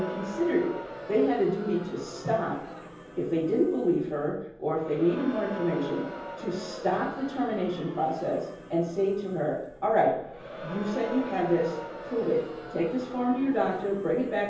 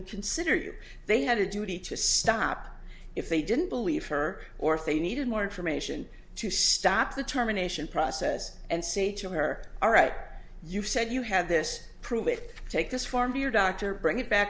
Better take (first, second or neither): second